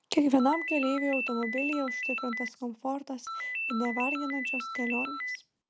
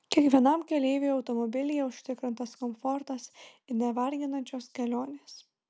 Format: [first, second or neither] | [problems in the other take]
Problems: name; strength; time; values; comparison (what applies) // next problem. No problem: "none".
second | background sound (Ringtone); 4 dB below the speech